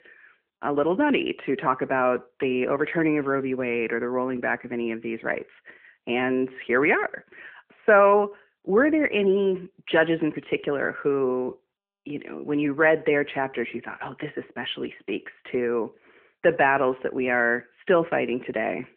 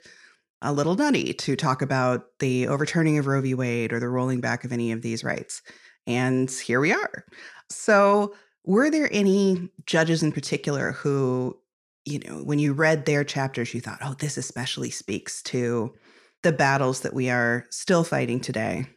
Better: second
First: phone-call audio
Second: none

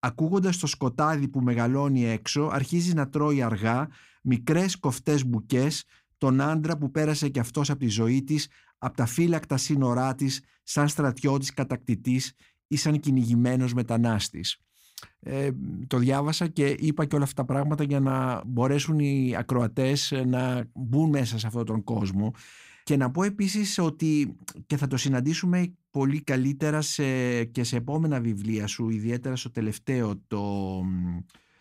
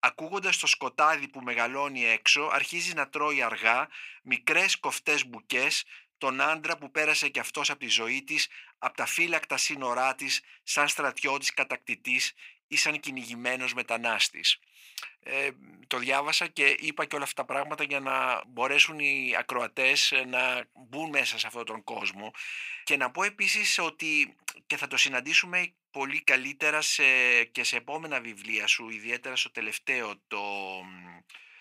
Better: first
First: none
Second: thin; very; fading below 750 Hz

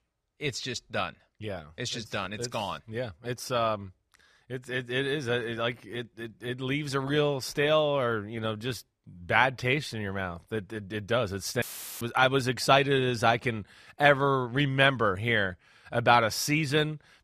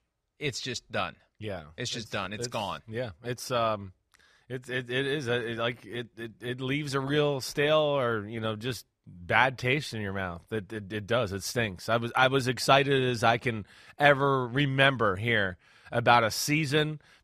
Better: second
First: audio cutting out; filled with static; at 12 s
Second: none

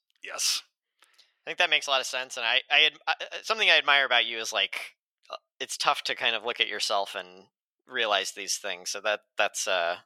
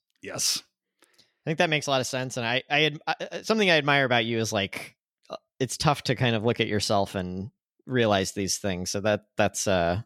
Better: second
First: thin; very; fading below 750 Hz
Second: none

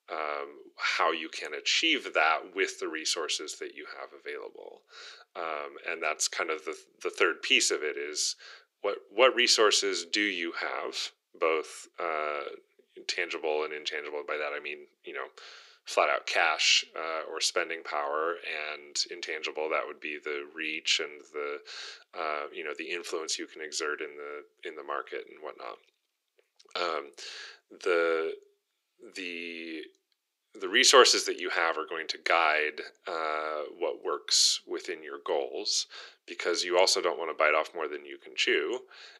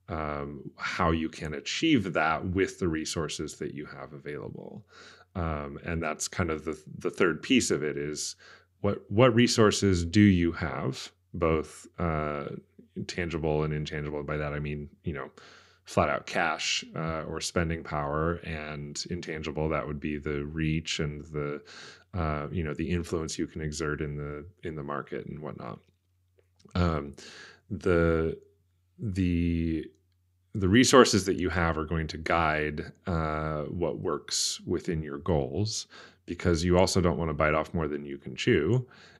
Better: second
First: thin; very; fading below 400 Hz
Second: none

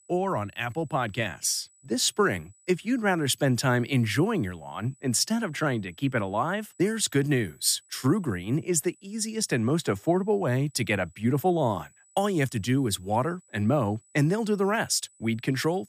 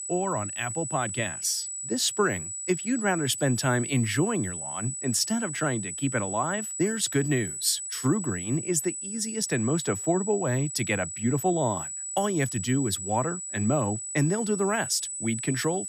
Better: first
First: high-pitched whine; faint; throughout; 8 kHz, 30 dB below the speech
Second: high-pitched whine; loud; throughout; 8 kHz, 5 dB below the speech

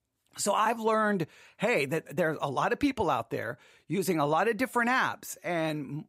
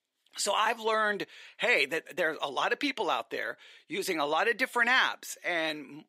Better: first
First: none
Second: thin; somewhat; fading below 350 Hz

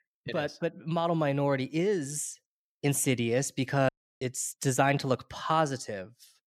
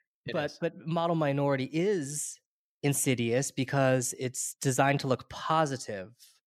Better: second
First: audio cutting out; at 4 s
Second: none

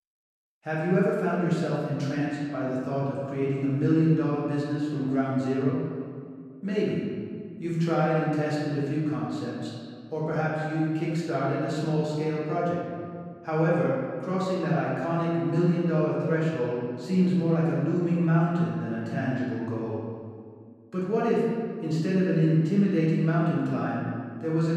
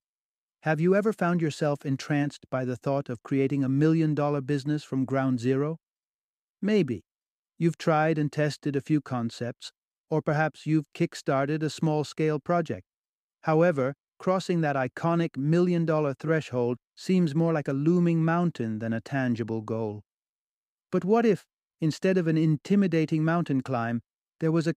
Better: second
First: room echo; strong; dies away in 1.8 s // off-mic speech; far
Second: none

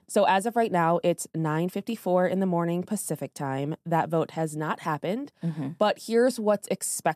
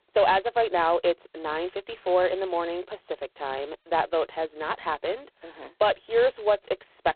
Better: first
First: none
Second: phone-call audio; poor line; nothing above 4 kHz

